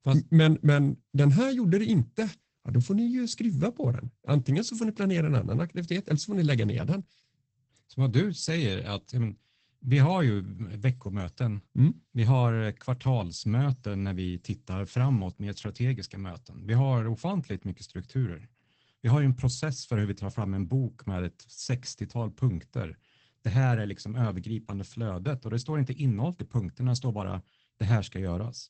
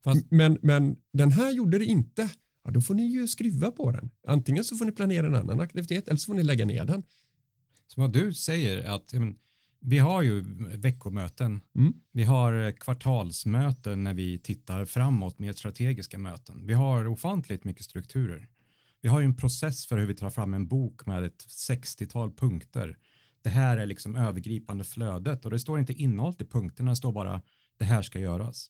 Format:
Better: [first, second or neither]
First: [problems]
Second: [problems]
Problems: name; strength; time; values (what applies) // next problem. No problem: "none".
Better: second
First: garbled, watery; badly; nothing above 8 kHz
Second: garbled, watery; slightly